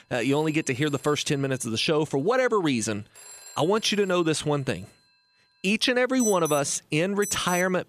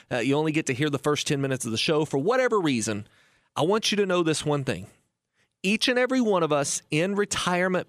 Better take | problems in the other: second | alarms or sirens; noticeable; throughout; 10 dB below the speech

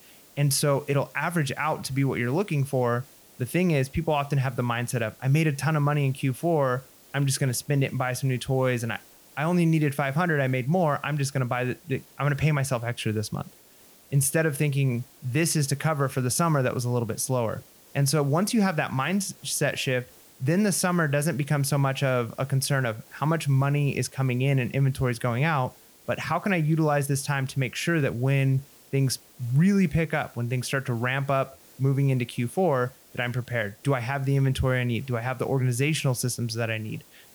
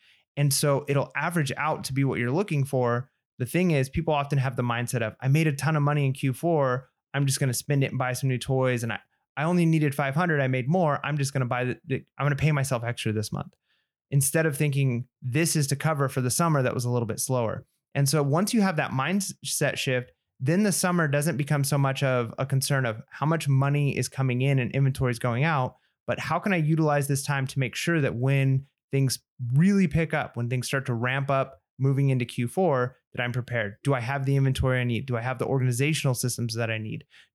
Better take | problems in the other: second | hiss; faint; throughout; 25 dB below the speech

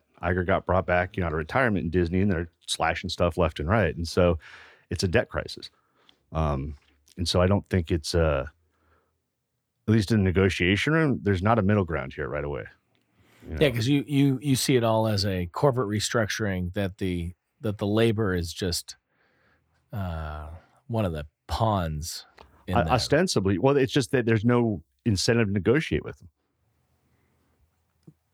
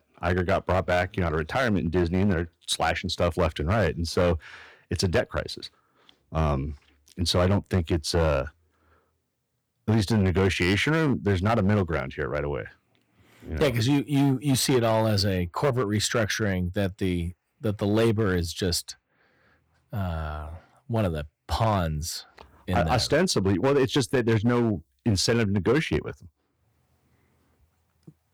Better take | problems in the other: first | distortion; slight; 5% of the sound clipped

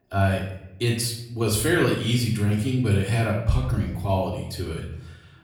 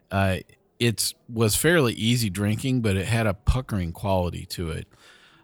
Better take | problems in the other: second | room echo; noticeable; dies away in 0.7 s // off-mic speech; far

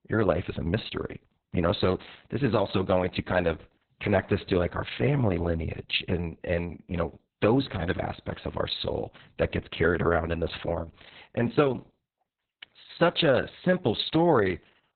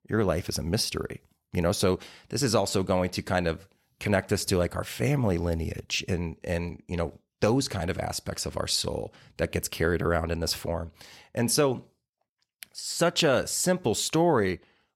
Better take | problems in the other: second | garbled, watery; badly; nothing above 4 kHz

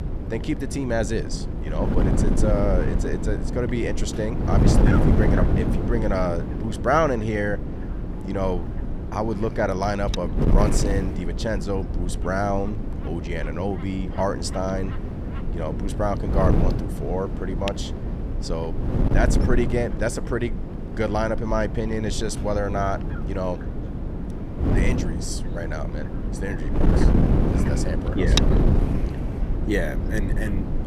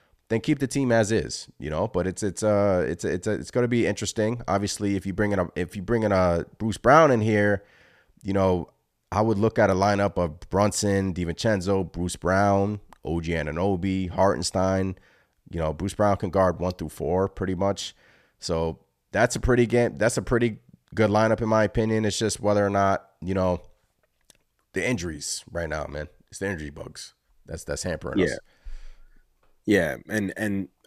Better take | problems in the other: second | wind noise on the microphone; heavy; 5 dB below the speech

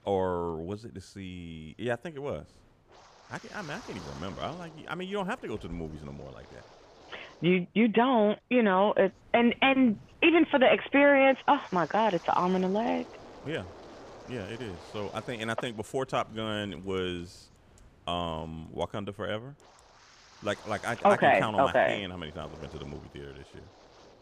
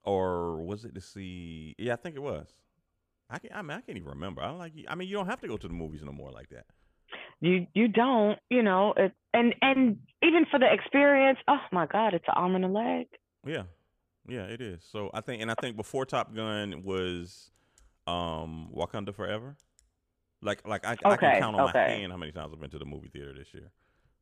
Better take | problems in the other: second | wind noise on the microphone; occasional gusts; 25 dB below the speech

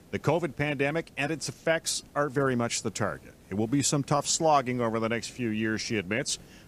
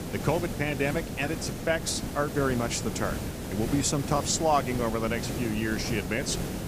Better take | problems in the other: first | hiss; loud; throughout; 5 dB below the speech; faint in the first

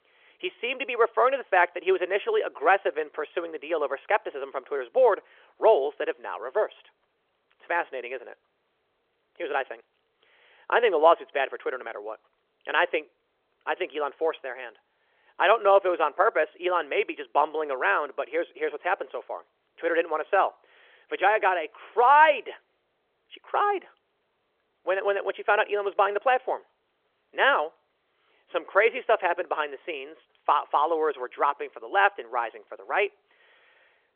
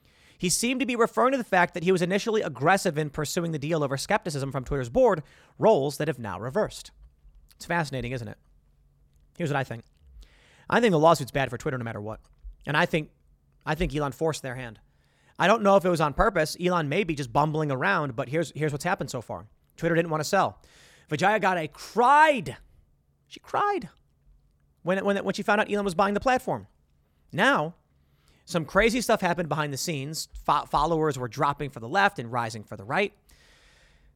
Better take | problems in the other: second | phone-call audio; nothing above 3.5 kHz

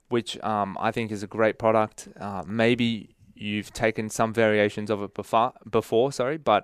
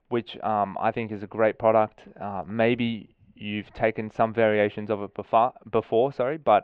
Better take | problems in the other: first | muffled; very; fading above 3 kHz

